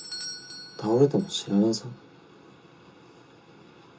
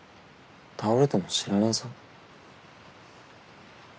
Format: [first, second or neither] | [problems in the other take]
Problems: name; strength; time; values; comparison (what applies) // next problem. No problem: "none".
second | background sound (Bell / Doorbell); 16 dB below the speech // room echo; dies away in 0.2 s